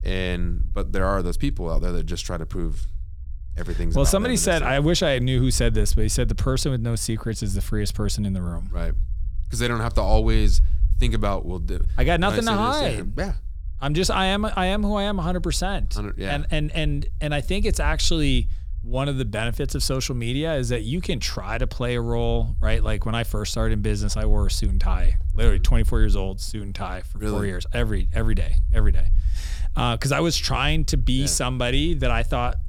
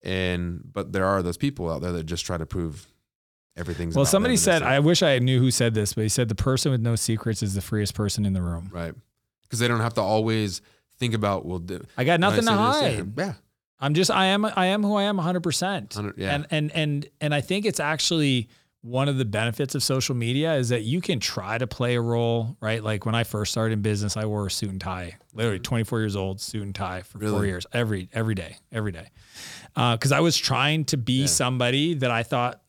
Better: second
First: low rumble; faint; throughout; 25 dB below the speech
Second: none

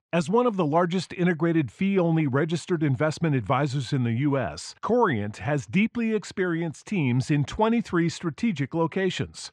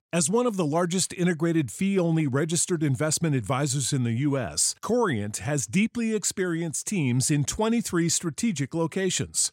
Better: second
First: muffled; very; fading above 2.5 kHz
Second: none

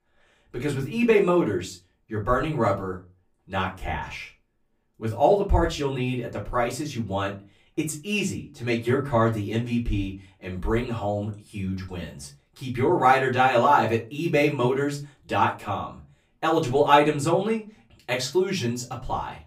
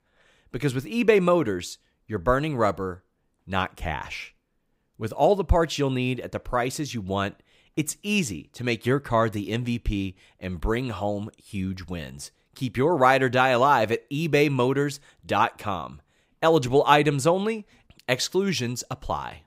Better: second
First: off-mic speech; far // room echo; very slight; dies away in 0.2 s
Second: none

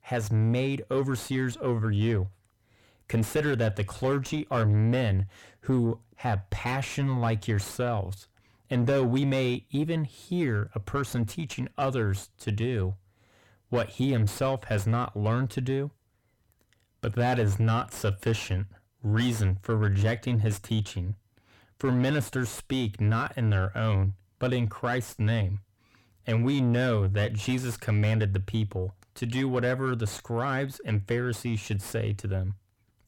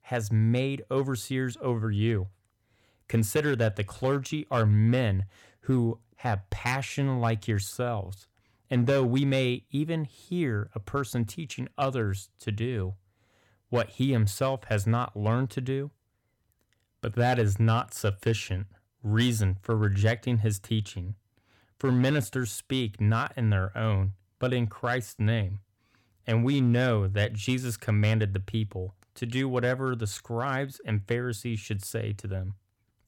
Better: second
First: distortion; slight; 9 dB below the speech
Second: none

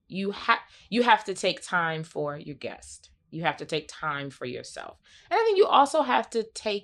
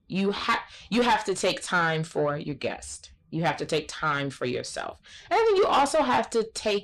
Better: first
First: none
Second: distortion; heavy; 6 dB below the speech

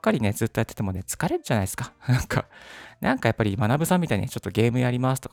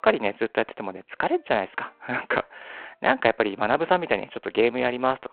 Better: first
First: none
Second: phone-call audio; nothing above 4 kHz

